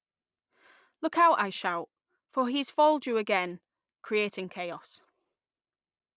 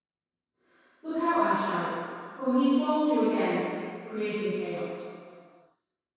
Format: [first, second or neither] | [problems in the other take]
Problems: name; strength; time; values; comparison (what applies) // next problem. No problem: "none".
first | room echo; dies away in 1.9 s